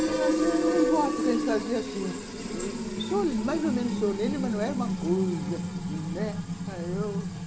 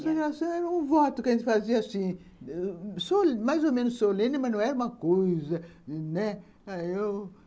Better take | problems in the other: second | background sound (Fill (with liquid)); 1 dB above the speech

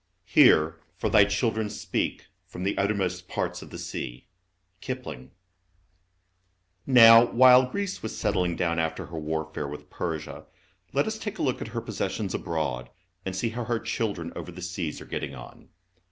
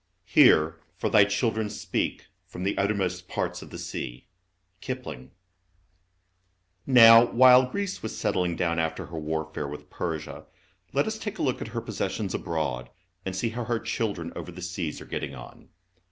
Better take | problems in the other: second | background sound (Explosion); 13 dB below the speech

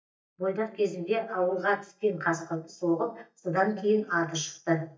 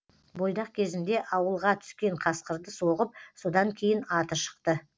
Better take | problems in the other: second | noise reduction (neural mask model DeepFilterNet 3)

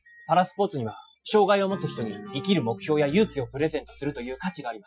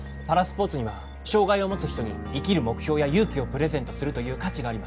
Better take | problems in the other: second | noise reduction (classical method Wiener filter)

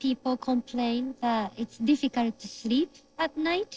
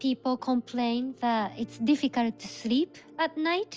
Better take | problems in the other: second | noise reduction (neural separator model SepFormer DNS4)

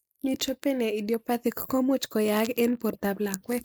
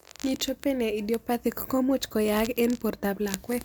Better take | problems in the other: second | noise reduction (neural mask model Resemble Enhance denoiser)

